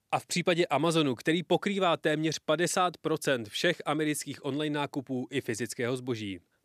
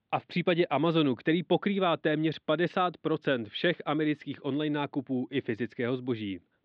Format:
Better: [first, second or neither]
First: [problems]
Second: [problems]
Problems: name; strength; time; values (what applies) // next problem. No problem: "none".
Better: first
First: none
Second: muffled; very; fading above 3.5 kHz